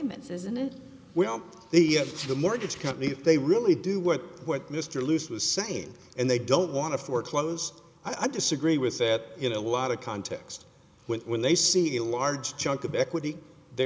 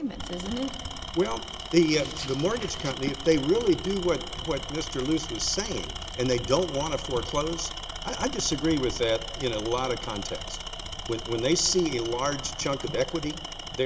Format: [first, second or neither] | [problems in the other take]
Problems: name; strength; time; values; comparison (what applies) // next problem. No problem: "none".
first | background sound (Tools); 8 dB below the speech